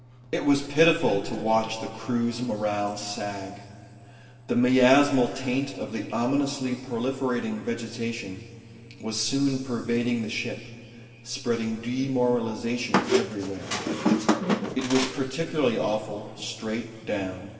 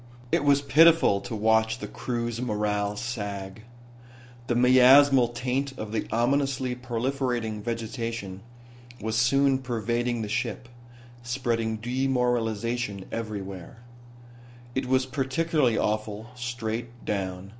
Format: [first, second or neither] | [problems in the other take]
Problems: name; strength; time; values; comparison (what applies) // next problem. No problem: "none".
second | background sound (Squeak); 1 dB above the speech // room echo; dies away in 2.7 s